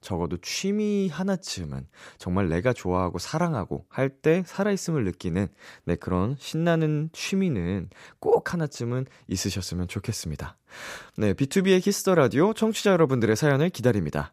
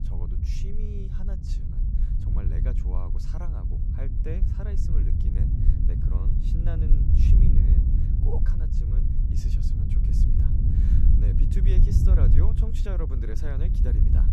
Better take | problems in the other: first | wind noise on the microphone; heavy; 3 dB above the speech

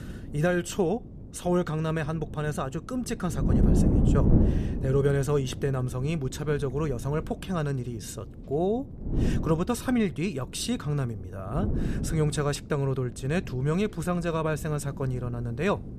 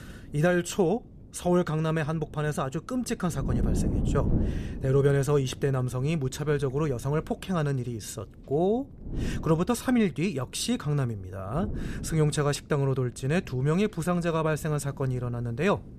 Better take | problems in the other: second | wind noise on the microphone; heavy; 7 dB below the speech; occasional gusts in the second

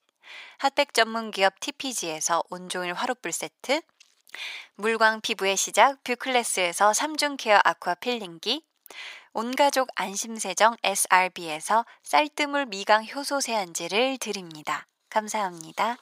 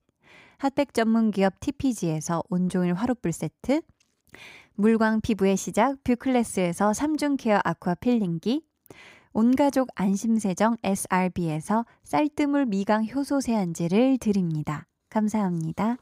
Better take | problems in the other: second | thin; very; fading below 750 Hz

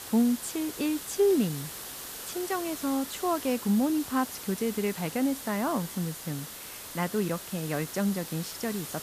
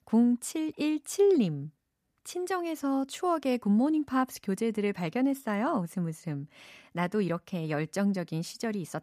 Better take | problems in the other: second | hiss; loud; throughout; 9 dB below the speech

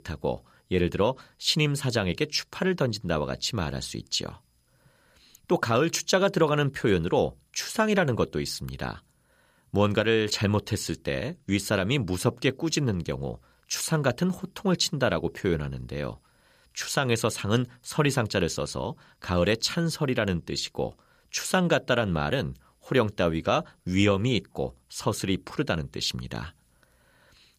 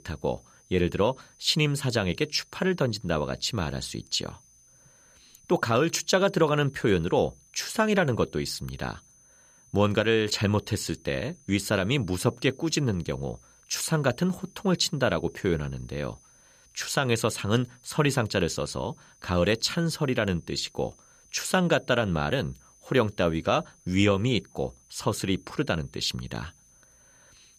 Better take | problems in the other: first | high-pitched whine; faint; throughout; 6 kHz, 30 dB below the speech

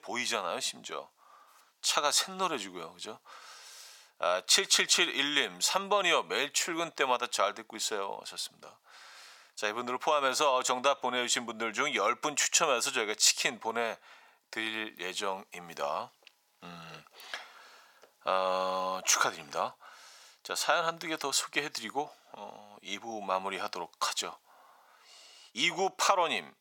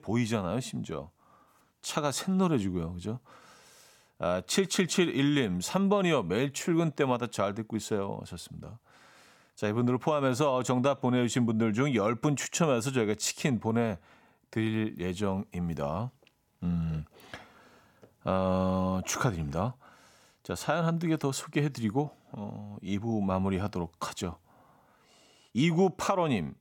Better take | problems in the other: second | thin; very; fading below 750 Hz

